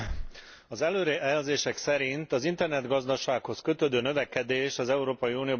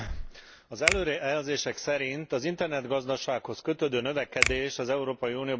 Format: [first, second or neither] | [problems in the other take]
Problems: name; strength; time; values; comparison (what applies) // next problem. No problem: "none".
first | background sound (Finger snapping); 4 dB below the speech